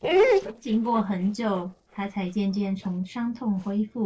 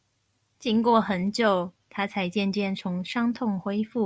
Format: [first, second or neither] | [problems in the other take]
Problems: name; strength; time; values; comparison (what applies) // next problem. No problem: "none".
second | noise reduction (neural separator model SepFormer DNS4)